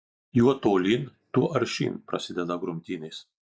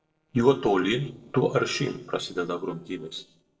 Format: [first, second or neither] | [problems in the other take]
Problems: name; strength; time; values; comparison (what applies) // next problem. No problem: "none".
first | noise reduction (neural separator model SepFormer DNS4)